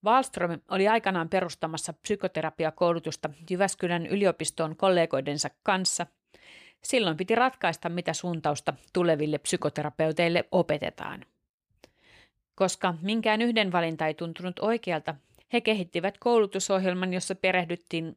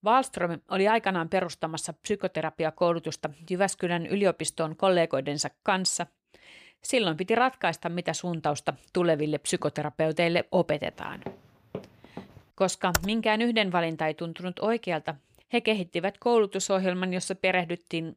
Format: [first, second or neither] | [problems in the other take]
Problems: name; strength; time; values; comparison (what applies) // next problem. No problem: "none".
first | footsteps; faint; from 11 to 12 s; peak 15 dB below the speech // keyboard typing; very faint; at 13 s; peak 3 dB below the speech